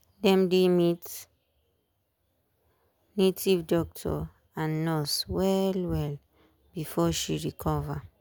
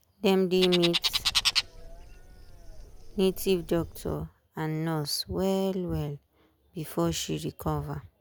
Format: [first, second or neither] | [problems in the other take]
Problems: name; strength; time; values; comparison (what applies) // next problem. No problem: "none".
first | background sound (Bird); 3 dB below the speech